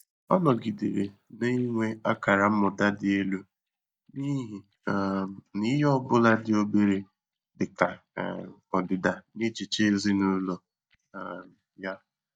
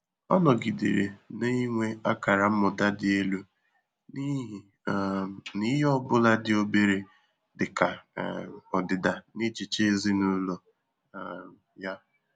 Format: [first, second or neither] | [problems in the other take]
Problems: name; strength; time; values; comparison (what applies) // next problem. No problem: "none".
second | noise reduction (neural mask model DeepFilterNet 3)